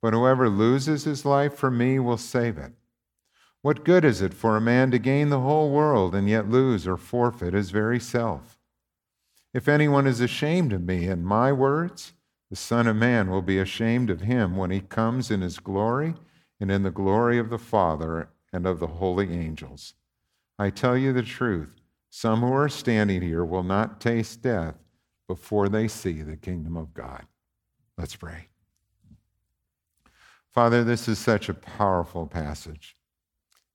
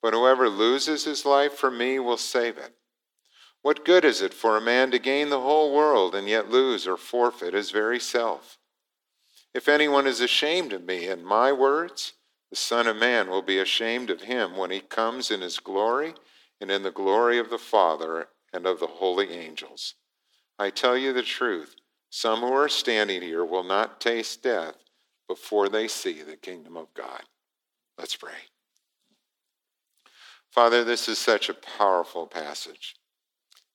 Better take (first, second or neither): first